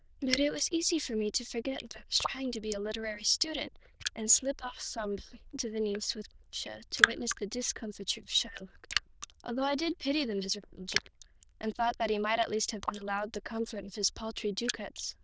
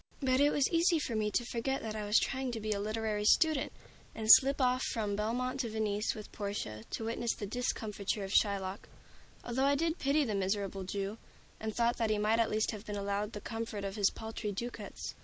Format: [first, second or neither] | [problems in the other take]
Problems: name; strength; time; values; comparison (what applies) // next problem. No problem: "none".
second | noise reduction (neural diffusion model UNIVERSE++)